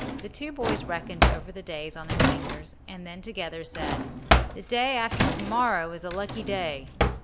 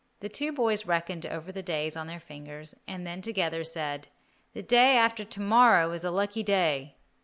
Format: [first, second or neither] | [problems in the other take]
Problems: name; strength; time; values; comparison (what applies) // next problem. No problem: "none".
second | background sound (Drawer open or close); 4 dB above the speech